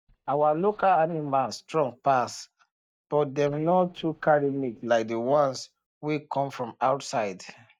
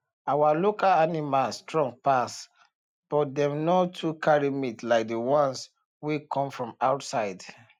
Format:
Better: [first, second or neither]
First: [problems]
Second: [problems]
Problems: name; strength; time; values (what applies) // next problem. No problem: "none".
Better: second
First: noise reduction (neural mask model DeepFilterNet 3)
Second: none